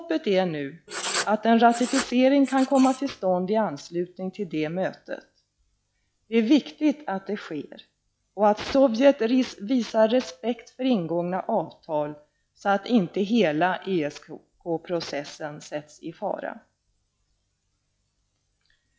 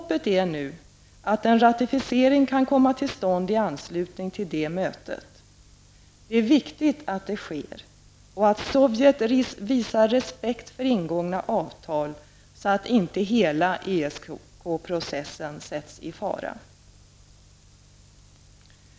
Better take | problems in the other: second | noise reduction (classical method log-MMSE)

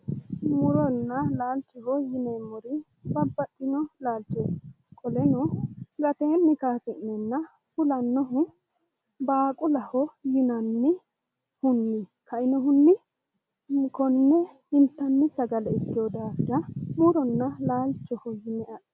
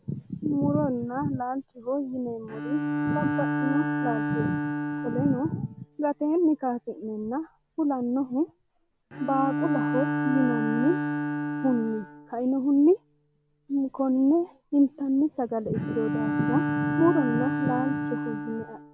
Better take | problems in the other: first | background sound (Bowed string instrument); 4 dB below the speech

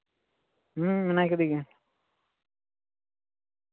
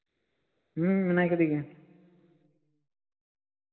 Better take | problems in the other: first | room echo; dies away in 1.2 s

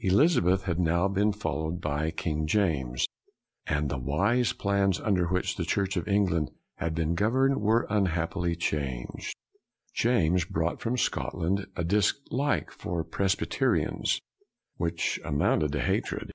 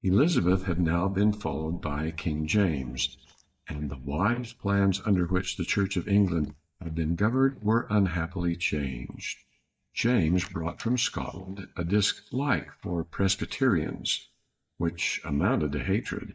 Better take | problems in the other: first | noise reduction (neural mask model DeepFilterNet 3)

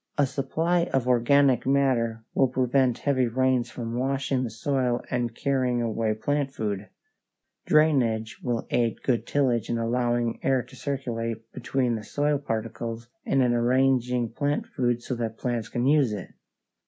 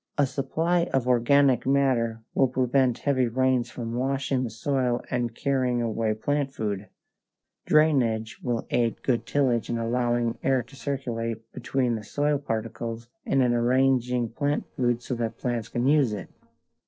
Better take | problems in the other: first | noise reduction (neural separator model SepFormer DNS4)

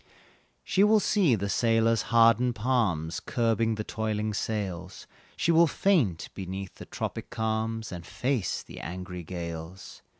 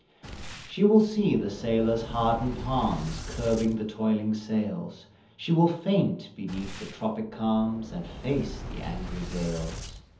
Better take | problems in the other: first | background sound (Boom); 12 dB below the speech // room echo; dies away in 0.7 s

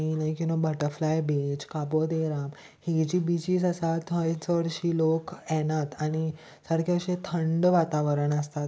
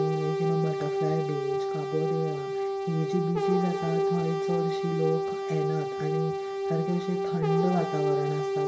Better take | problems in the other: first | background sound (Brass instrument); 2 dB above the speech // room echo; dies away in 0.2 s

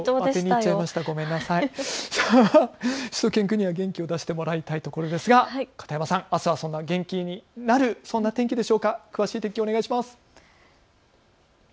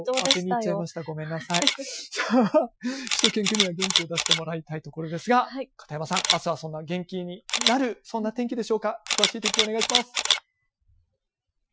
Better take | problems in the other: first | noise reduction (classical method Wiener filter)

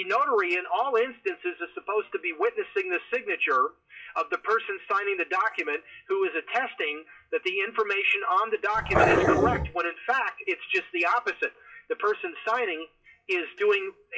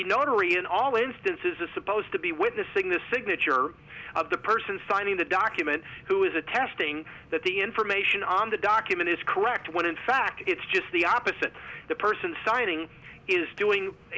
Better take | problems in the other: second | noise reduction (classical method WPE with log-MMSE)

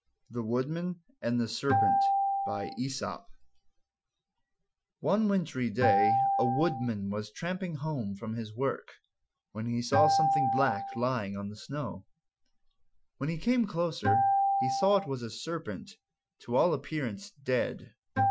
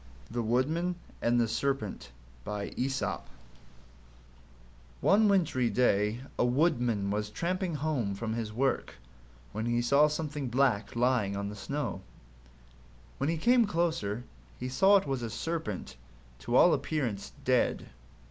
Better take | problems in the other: second | noise reduction (classical method Wiener filter)

